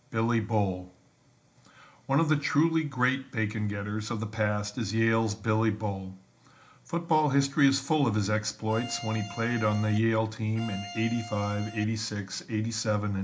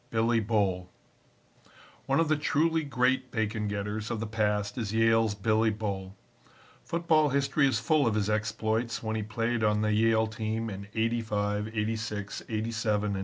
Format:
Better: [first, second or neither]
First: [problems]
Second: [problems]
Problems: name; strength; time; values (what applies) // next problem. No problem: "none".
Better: second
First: background sound (Bowed string instrument); 13 dB below the speech // room echo; dies away in 0.4 s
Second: none